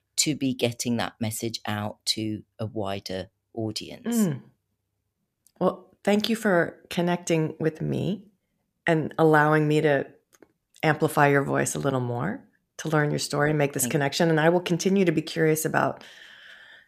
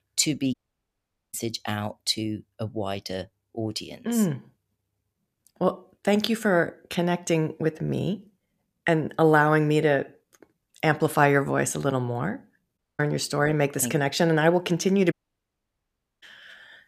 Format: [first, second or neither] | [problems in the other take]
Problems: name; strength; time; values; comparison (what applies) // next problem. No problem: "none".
first | audio cutting out; at 0.5 s for 1 s, at 13 s and at 15 s for 1 s